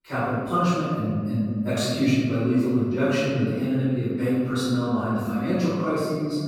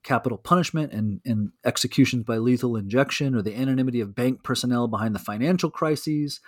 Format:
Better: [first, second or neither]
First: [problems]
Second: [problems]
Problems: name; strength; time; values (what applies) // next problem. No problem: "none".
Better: second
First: room echo; strong; dies away in 1.9 s // off-mic speech; far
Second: none